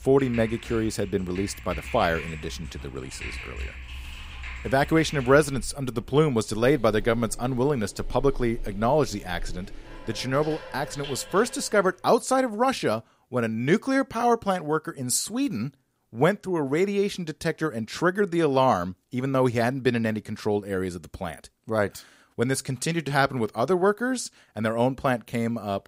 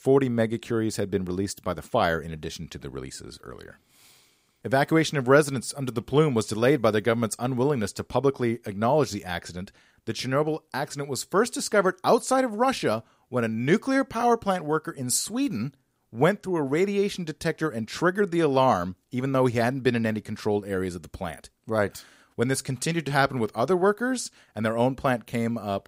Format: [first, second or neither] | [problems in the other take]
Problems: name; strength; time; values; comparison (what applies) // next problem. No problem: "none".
second | household noises; noticeable; until 11 s; 15 dB below the speech